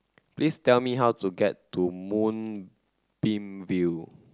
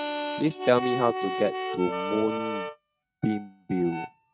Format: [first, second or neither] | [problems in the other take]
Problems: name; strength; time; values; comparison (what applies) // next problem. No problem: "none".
first | noise reduction (neural mask model RNNoise)